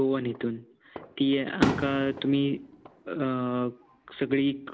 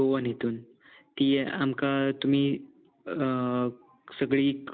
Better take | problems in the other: second | background sound (Fireworks); 8 dB below the speech

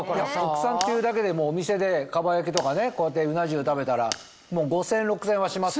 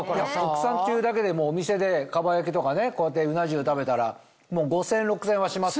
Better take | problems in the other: second | background sound (Fire); 17 dB below the speech

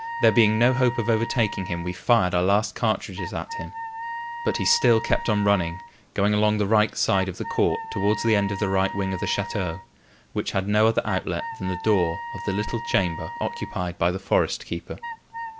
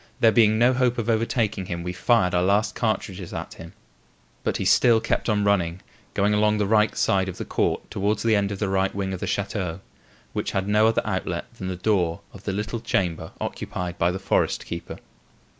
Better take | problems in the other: second | background sound (Wind instrument, woodwind instrument); 11 dB below the speech

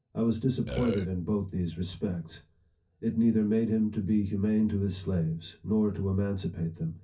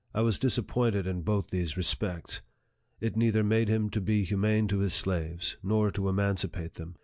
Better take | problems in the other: second | background sound (Burping, eructation); 6 dB below the speech // room echo; dies away in 0.3 s

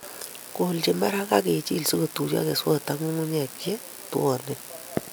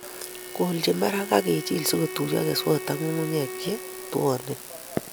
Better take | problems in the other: first | background sound (Bowed string instrument); 12 dB below the speech

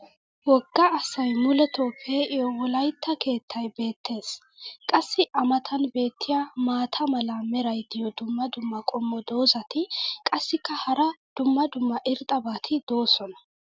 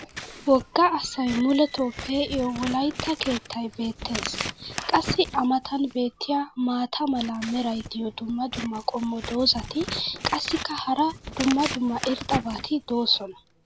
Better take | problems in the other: first | background sound (Scissors); 11 dB below the speech

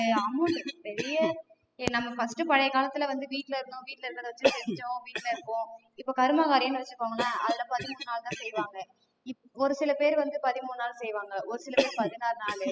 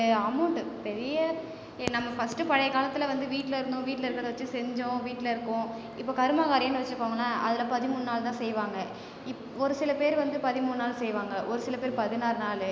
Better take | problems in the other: second | noise reduction (classical method spectral subtraction)

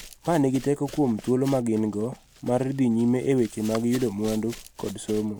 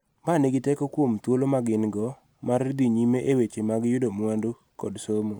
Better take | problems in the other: second | background sound (Run); 19 dB below the speech

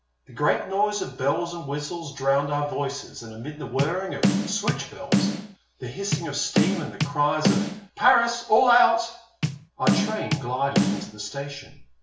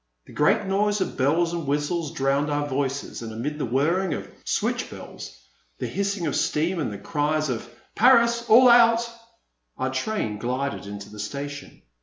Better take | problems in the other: second | background sound (Bass drum / Snare drum); 1 dB above the speech // room echo; dies away in 0.2 s

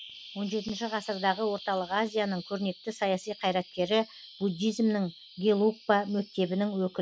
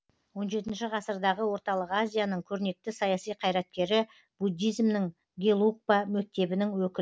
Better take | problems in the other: second | background sound (Bird vocalization, bird call, bird song); 19 dB below the speech

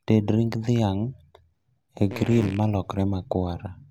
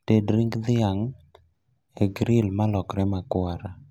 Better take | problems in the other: second | background sound (Fart); 13 dB below the speech

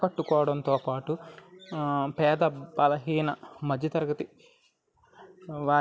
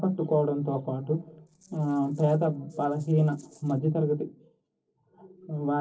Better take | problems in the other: first | noise reduction (neural separator model SepFormer DNS4)

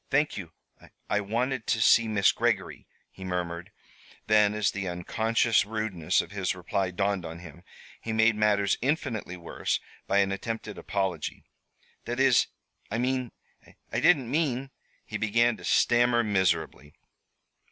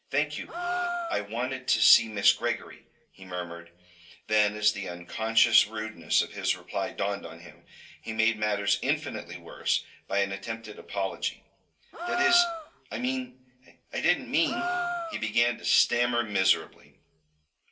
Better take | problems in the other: first | background sound (Gasp); 5 dB below the speech // room echo; dies away in 0.2 s

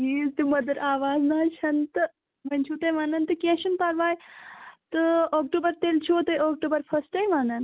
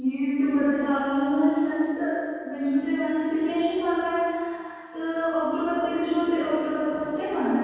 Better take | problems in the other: first | room echo; dies away in 2.1 s

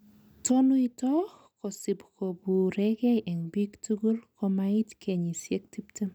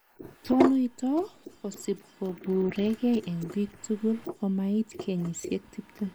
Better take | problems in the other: first | noise reduction (neural mask model Resemble Enhance denoiser)

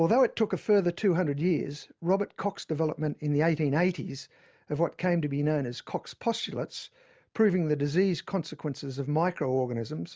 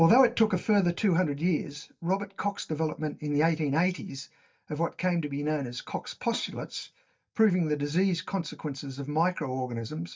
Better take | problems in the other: first | noise reduction (neural mask model DeepFilterNet 3)

